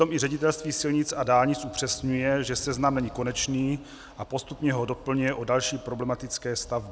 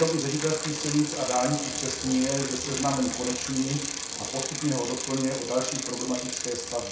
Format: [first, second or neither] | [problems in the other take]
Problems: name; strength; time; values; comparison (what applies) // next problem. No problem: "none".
first | background sound (Bicycle); 4 dB below the speech // room echo; dies away in 0.6 s